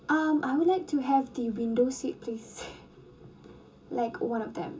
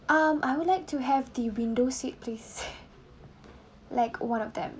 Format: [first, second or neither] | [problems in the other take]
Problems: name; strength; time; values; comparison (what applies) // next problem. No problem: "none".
second | room echo; dies away in 0.2 s